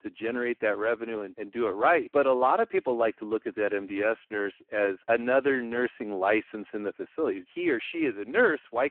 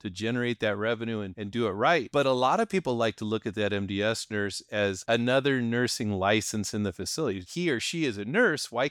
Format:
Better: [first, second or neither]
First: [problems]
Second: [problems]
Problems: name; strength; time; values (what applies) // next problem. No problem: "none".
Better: second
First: phone-call audio; poor line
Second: none